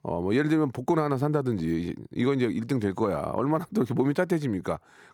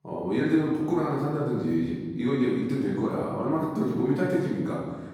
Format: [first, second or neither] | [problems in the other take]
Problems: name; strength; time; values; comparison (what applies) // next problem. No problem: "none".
first | room echo; noticeable; dies away in 1.2 s // off-mic speech; far